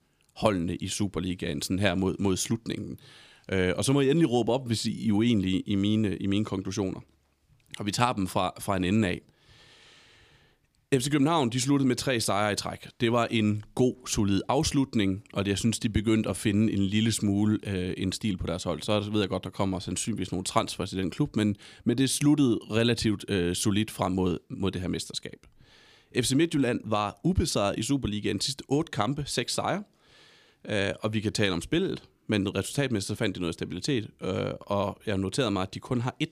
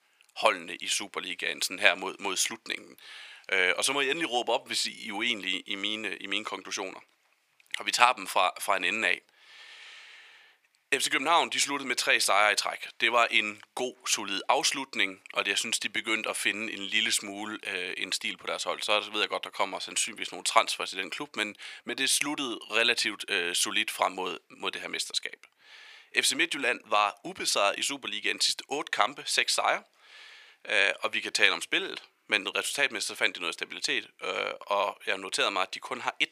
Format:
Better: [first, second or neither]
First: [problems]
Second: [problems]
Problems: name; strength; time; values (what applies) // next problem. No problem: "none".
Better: first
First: none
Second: thin; very; fading below 800 Hz